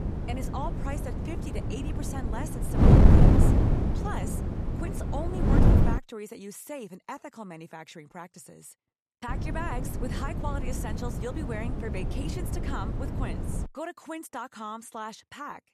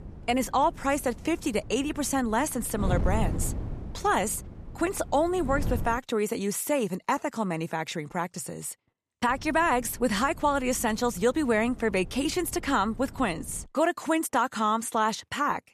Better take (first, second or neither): second